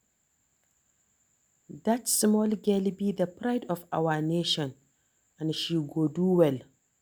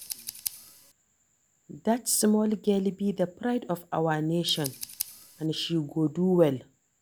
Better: first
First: none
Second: background sound (Scissors); 16 dB below the speech

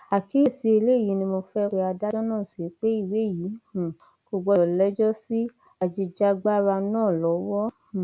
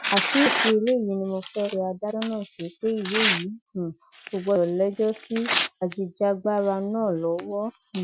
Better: first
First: none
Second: noise reduction (classical method Wiener filter)

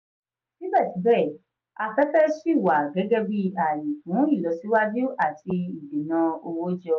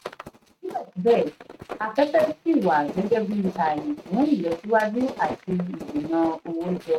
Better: first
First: none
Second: noise reduction (neural mask model RNNoise)

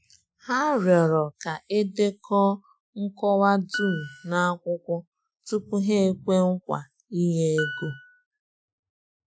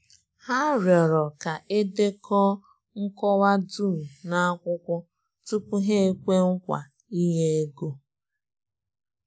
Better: second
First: noise reduction (classical method Wiener filter)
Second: none

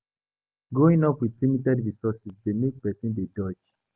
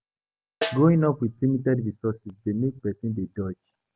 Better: first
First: none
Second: background sound (Snare drum); 12 dB below the speech

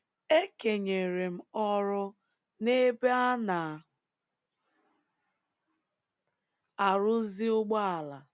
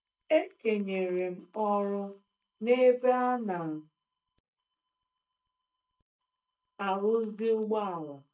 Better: first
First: none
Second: noise reduction (neural mask model DeepFilterNet 3)

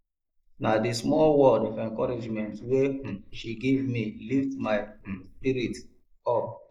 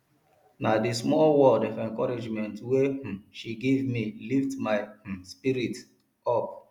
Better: second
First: noise reduction (neural mask model Resemble Enhance denoiser)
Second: none

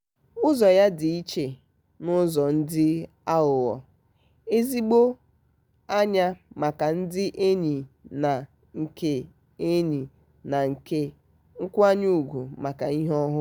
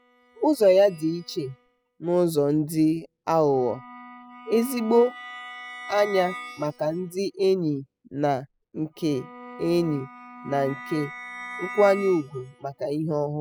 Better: first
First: none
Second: noise reduction (classical method spectral subtraction)

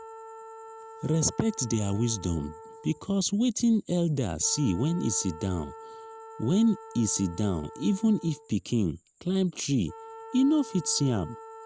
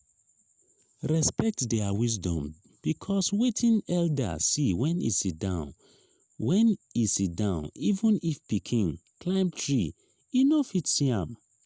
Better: second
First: background sound (Wind instrument, woodwind instrument); 17 dB below the speech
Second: none

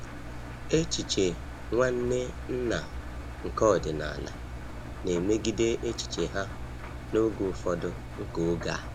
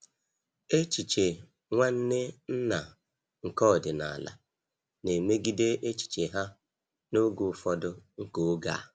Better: second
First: background sound (Engine); 8 dB below the speech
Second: none

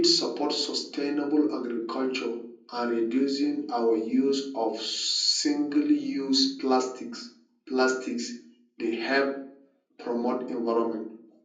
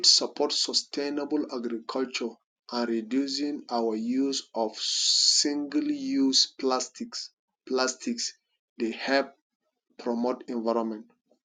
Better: second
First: room echo; dies away in 0.6 s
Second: none

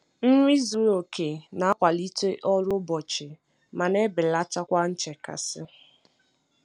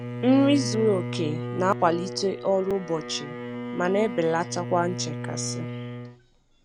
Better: first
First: none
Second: background sound (Bowed string instrument); 7 dB below the speech

